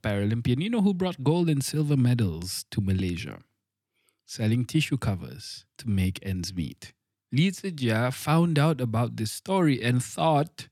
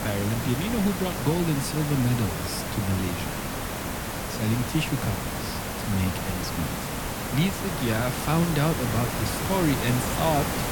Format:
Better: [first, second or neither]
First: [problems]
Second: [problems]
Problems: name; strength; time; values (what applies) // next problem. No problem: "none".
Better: first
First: none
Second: hiss; loud; throughout; 2 dB below the speech